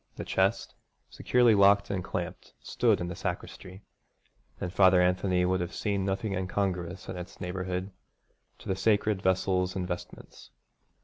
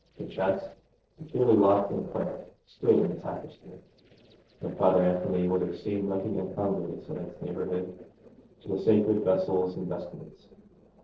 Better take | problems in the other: first | noise reduction (neural separator model SepFormer DNS4)

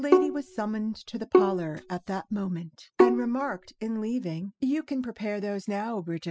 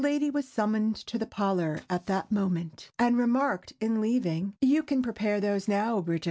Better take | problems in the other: second | noise reduction (classical method spectral subtraction)

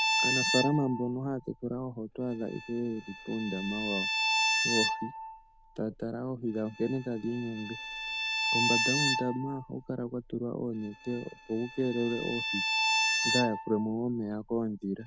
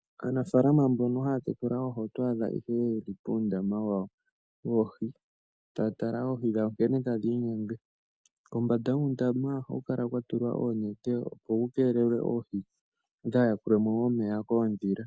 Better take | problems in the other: second | background sound (Bowed string instrument); as loud as the speech

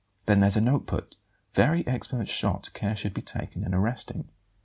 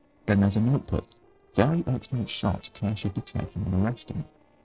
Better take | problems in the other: first | noise reduction (neural separator model SepFormer DNS4)

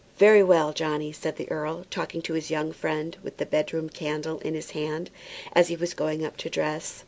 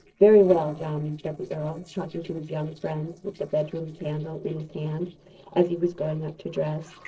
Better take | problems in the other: first | noise reduction (neural separator model SepFormer DNS4)

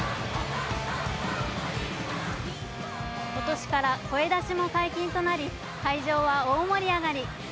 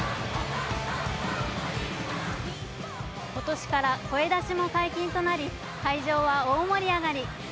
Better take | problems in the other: second | background sound (Bowed string instrument); 14 dB below the speech

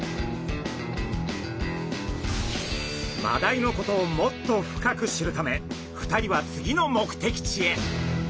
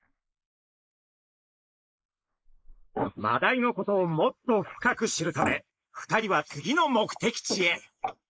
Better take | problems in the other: first | noise reduction (neural mask model Resemble Enhance denoiser)

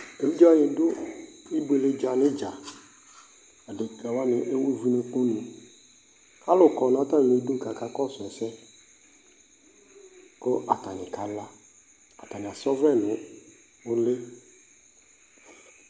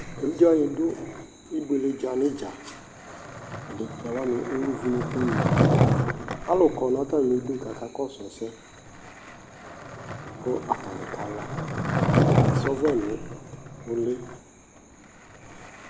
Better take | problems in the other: first | background sound (Skateboard); as loud as the speech

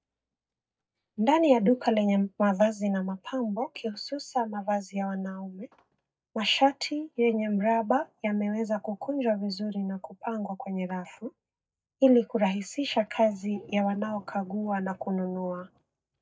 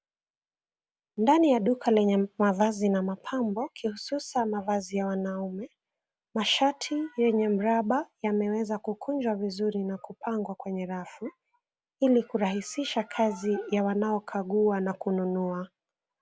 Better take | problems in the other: second | noise reduction (neural mask model DeepFilterNet 3)

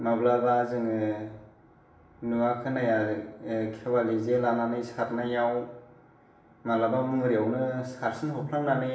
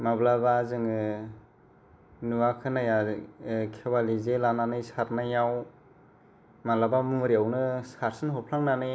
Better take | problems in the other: second | room echo; dies away in 0.7 s

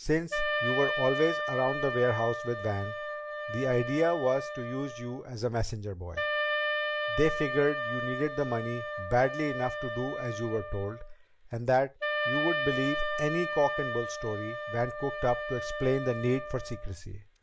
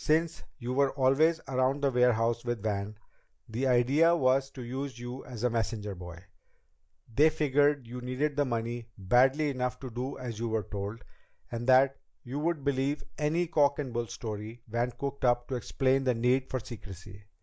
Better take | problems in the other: second | background sound (Wind instrument, woodwind instrument); 3 dB below the speech

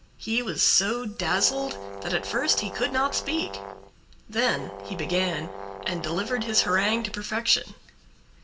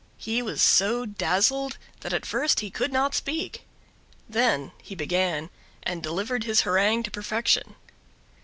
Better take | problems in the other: second | background sound (Brass instrument); 10 dB below the speech // room echo; dies away in 0.7 s

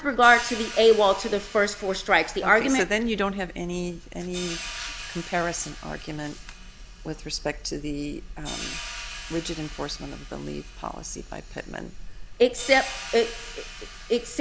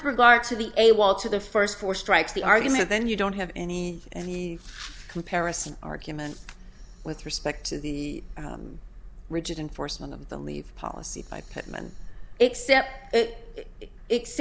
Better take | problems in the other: second | background sound (Hi-hat); 15 dB below the speech

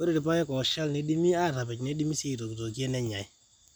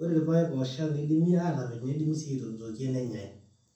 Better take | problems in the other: first | room echo; dies away in 0.6 s

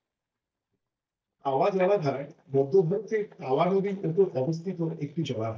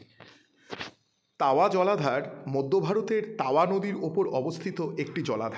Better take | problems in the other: second | noise reduction (neural mask model DeepFilterNet 3)

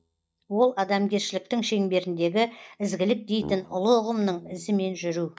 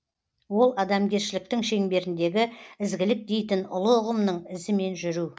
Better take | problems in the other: second | noise reduction (neural mask model DeepFilterNet 3)

